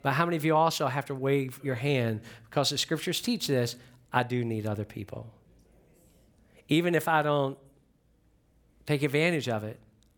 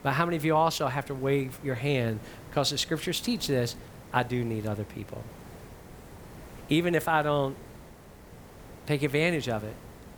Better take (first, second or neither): first